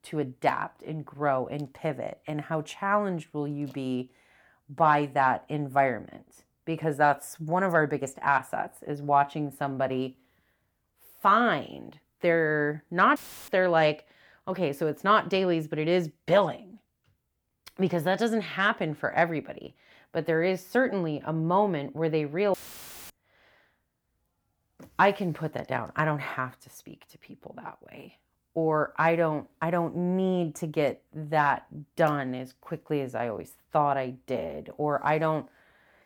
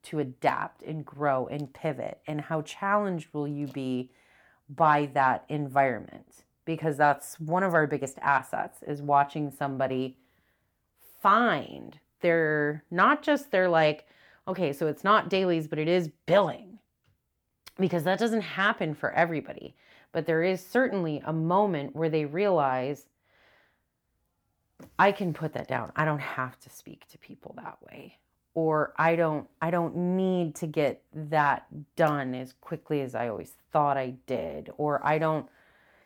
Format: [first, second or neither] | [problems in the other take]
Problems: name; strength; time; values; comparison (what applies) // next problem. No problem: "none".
second | audio cutting out; filled with static; at 13 s and at 23 s for 0.5 s